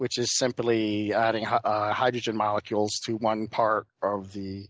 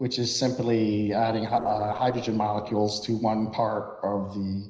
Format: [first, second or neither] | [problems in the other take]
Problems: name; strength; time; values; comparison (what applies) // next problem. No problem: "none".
first | noise reduction (neural separator model SepFormer DNS4)